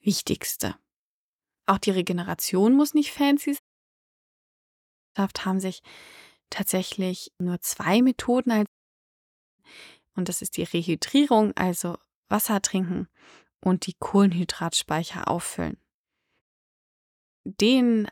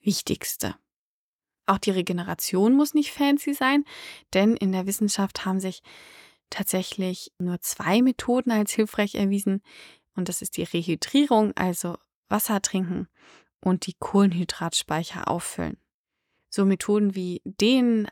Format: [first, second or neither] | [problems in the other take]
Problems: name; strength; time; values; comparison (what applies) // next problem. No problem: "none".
second | audio cutting out; at 3.5 s for 1.5 s, at 8.5 s for 1 s and at 16 s for 1 s